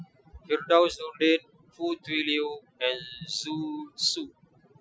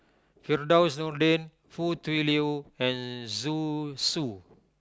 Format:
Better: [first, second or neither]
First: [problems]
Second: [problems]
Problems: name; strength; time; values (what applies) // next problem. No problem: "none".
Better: second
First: noise reduction (classical method Wiener filter)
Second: none